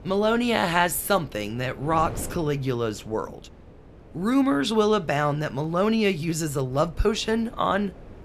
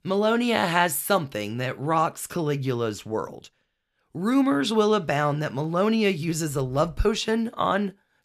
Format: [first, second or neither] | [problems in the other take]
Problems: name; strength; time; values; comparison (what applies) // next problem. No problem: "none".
second | wind noise on the microphone; occasional gusts; 25 dB below the speech